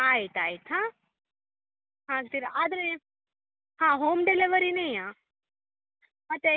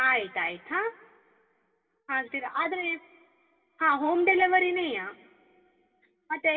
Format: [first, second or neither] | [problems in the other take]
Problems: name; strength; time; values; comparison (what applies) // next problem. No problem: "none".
first | room echo; dies away in 1.4 s